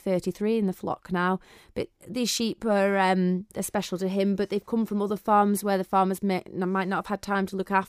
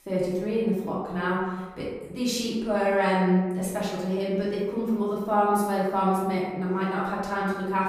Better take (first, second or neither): first